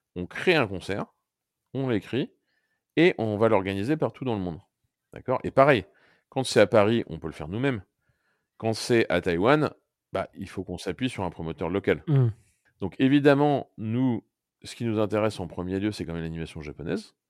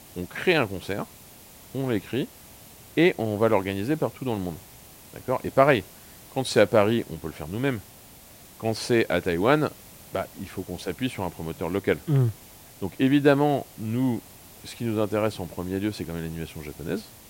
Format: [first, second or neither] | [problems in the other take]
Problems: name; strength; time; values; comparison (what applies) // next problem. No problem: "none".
first | hiss; faint; throughout; 20 dB below the speech